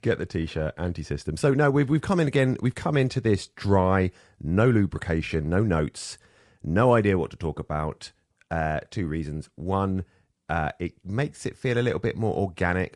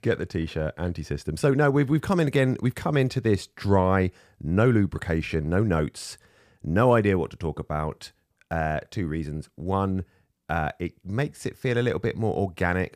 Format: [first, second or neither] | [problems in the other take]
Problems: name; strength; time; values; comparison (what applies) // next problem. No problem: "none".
second | garbled, watery; slightly; nothing above 10 kHz